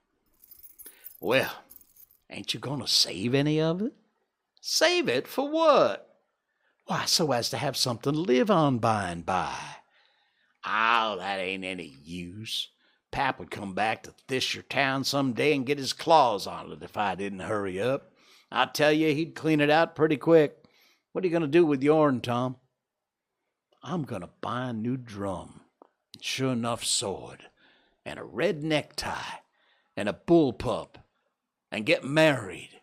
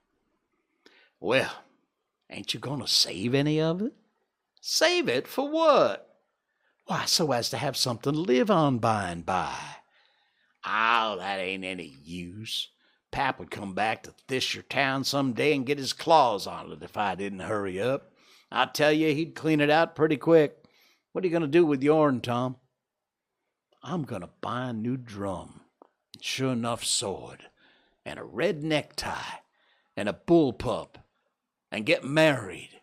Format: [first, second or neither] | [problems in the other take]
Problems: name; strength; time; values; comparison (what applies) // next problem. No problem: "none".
second | jangling keys; faint; until 2 s; peak 20 dB below the speech